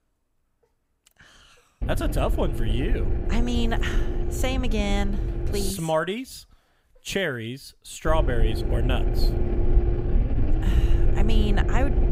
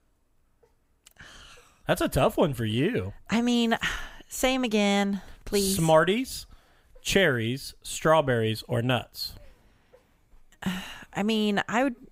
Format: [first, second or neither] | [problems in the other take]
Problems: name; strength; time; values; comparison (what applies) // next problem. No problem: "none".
second | low rumble; loud; from 2 to 5.5 s and from 8 s on; 7 dB below the speech